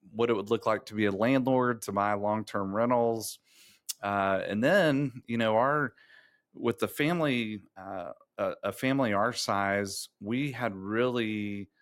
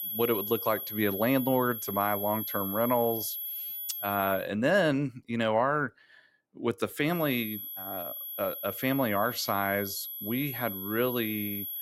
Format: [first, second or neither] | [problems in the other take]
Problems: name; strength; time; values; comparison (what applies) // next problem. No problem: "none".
first | high-pitched whine; loud; until 4.5 s and from 7 s on; 11.5 kHz, 5 dB below the speech